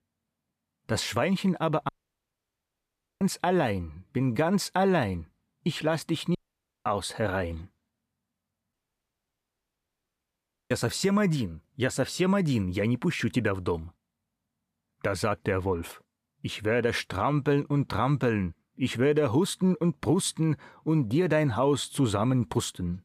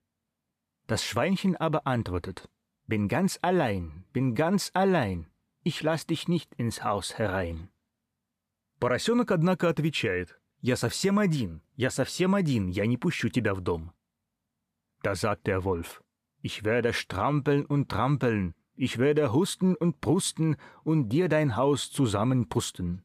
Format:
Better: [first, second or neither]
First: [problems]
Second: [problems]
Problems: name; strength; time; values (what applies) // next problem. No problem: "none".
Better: second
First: audio cutting out; at 2 s for 1.5 s, at 6.5 s for 0.5 s and at 8.5 s for 2 s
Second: none